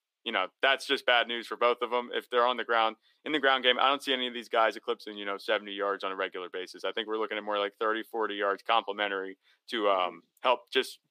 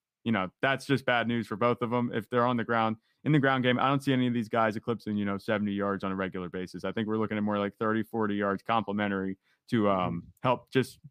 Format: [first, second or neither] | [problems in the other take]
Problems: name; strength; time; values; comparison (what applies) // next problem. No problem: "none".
second | thin; very; fading below 400 Hz